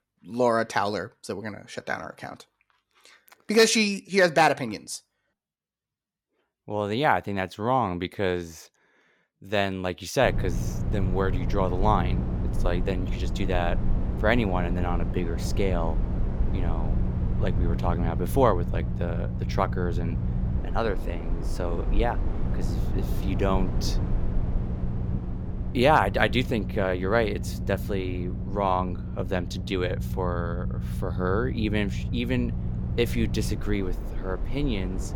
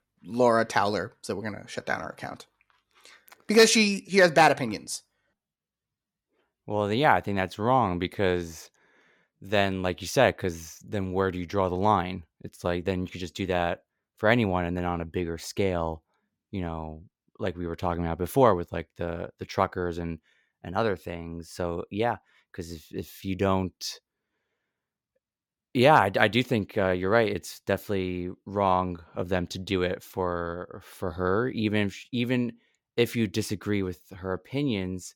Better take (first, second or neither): second